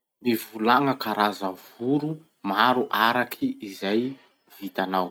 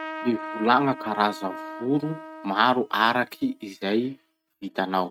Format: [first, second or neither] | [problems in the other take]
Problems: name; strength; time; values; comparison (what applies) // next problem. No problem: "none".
first | noise reduction (neural mask model RNNoise)